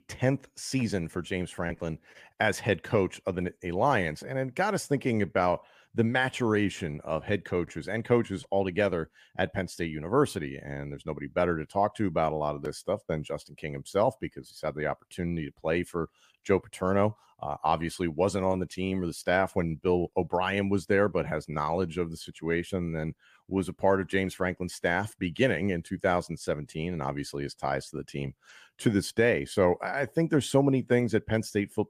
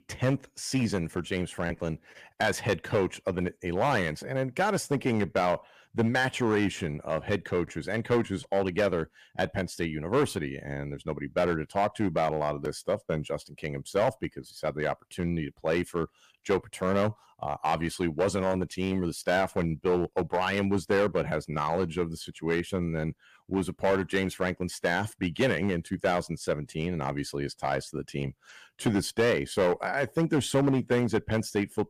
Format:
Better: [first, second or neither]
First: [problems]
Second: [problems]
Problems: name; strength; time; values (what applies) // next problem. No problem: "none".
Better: first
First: none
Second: distortion; slight; 4% of the sound clipped